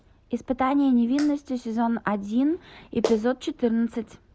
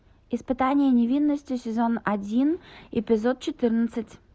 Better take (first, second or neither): second